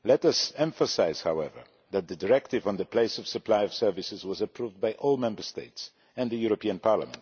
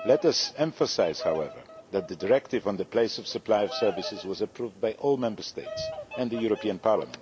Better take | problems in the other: first | background sound (Bird vocalization, bird call, bird song); 13 dB below the speech

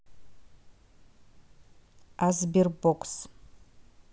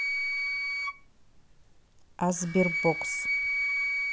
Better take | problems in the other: first | background sound (Wind instrument, woodwind instrument); 2 dB above the speech

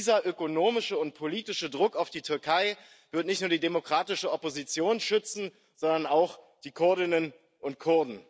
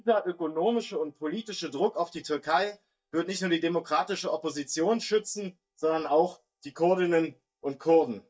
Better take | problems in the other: first | noise reduction (neural mask model DeepFilterNet 3)

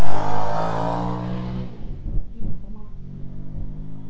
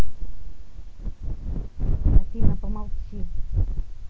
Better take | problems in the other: second | background sound (Motorcycle); 13 dB below the speech // room echo; dies away in 0.5 s

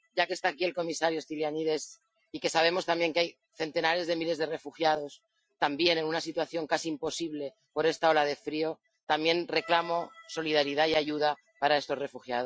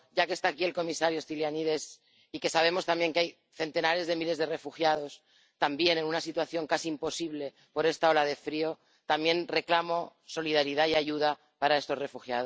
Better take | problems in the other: second | noise reduction (classical method Wiener filter)

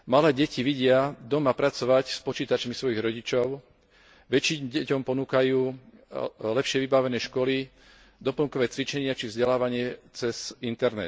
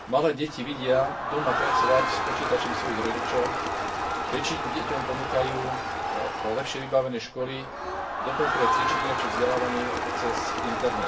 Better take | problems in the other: first | background sound (Crowd); 1 dB above the speech // room echo; dies away in 0.2 s

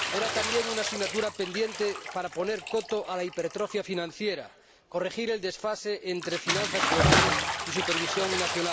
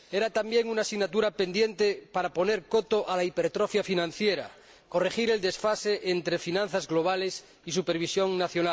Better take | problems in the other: second | background sound (Bathtub (filling or washing) / Splash, splatter); as loud as the speech

